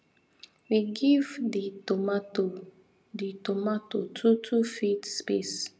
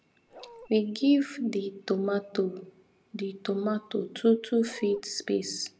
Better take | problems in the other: first | background sound (Bark); 19 dB below the speech

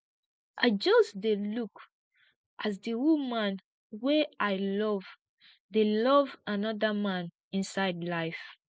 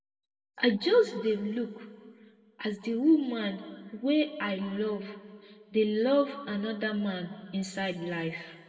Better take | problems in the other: first | room echo; dies away in 1.7 s

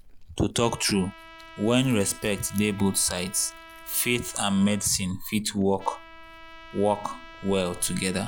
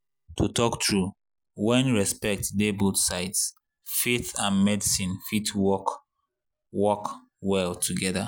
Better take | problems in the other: second | background sound (Chewing, mastication + Trumpet); 17 dB below the speech

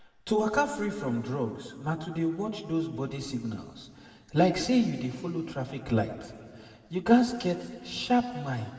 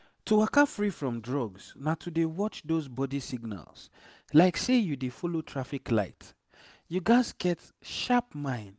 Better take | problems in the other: second | room echo; dies away in 1.7 s

